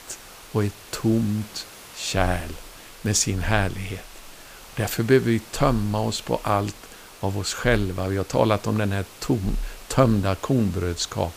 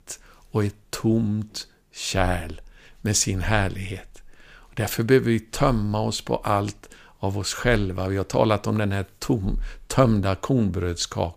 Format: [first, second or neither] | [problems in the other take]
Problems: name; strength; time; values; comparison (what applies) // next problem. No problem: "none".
second | hiss; noticeable; throughout; 20 dB below the speech